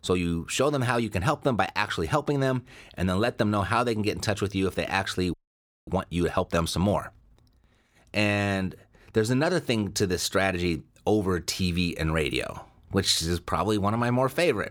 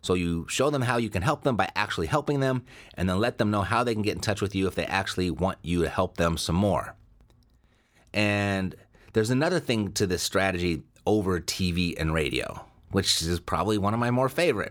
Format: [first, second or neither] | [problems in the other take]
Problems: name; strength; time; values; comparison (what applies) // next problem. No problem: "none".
second | audio freezing; at 5.5 s for 0.5 s